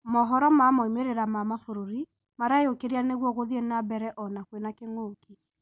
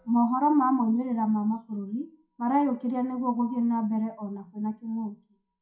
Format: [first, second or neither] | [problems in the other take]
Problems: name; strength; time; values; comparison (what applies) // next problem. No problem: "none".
first | noise reduction (classical method WPE with log-MMSE)